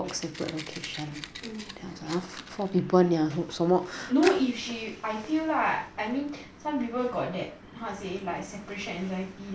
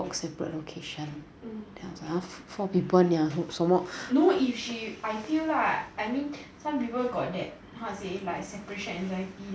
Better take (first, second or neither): second